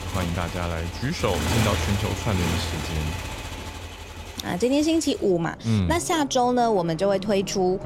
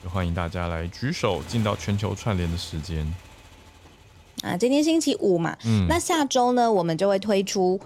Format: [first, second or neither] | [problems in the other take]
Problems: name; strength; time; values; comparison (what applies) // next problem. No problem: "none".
second | traffic noise; loud; throughout; 7 dB below the speech; faint in the second